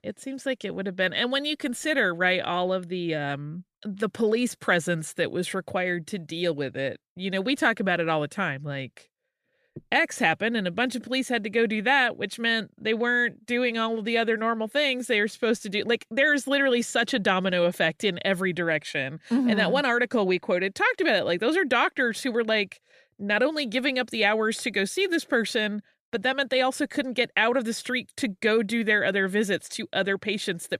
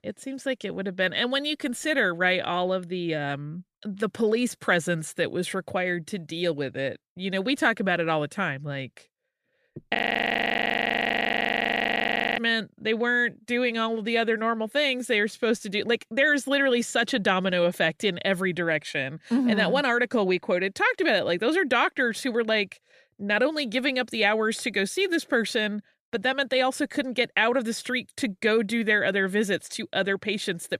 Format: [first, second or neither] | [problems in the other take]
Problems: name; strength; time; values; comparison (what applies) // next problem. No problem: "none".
first | audio freezing; at 10 s for 2.5 s